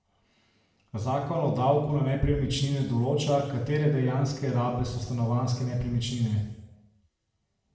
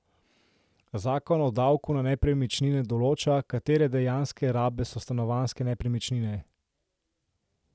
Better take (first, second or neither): second